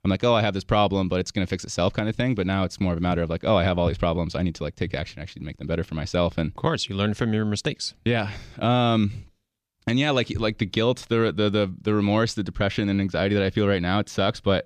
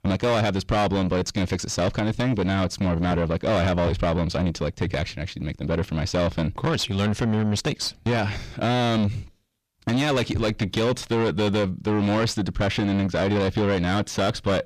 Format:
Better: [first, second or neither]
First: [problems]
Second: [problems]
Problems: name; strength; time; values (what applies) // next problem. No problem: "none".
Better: first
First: none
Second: distortion; heavy; 7 dB below the speech